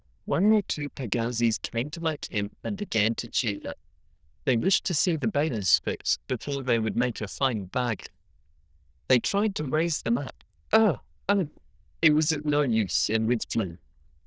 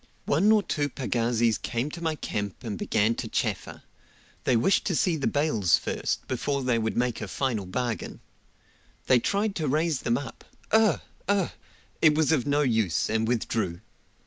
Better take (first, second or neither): second